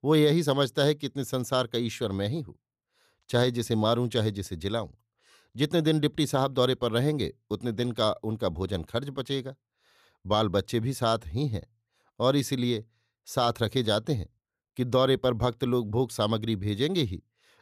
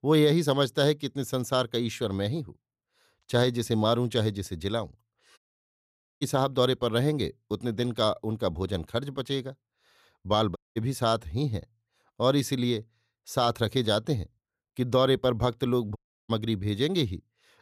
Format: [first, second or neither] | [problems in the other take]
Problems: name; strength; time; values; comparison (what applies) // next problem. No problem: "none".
first | audio cutting out; at 5.5 s for 1 s, at 11 s and at 16 s